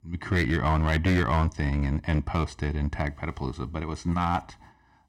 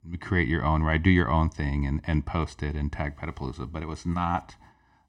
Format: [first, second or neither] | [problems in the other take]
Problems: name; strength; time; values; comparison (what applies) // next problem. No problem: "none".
second | distortion; slight; 5% of the sound clipped